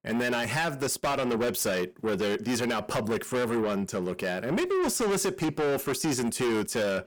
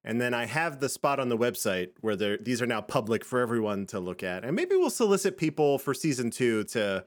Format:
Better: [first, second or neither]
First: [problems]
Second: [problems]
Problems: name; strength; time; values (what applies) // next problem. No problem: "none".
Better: second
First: distortion; heavy; 6 dB below the speech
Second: none